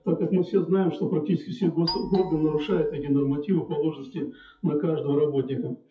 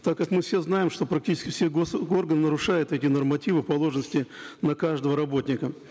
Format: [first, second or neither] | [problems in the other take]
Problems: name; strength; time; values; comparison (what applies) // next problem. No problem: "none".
second | noise reduction (classical method WPE with log-MMSE)